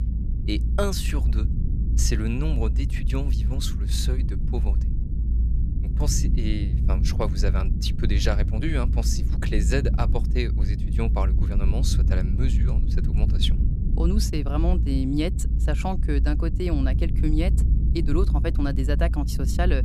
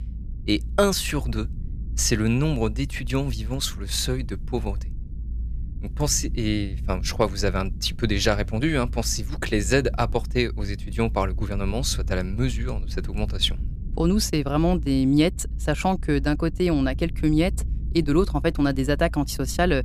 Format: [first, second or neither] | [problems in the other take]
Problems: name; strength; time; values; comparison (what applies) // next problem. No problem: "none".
second | low rumble; loud; throughout; 8 dB below the speech; faint in the second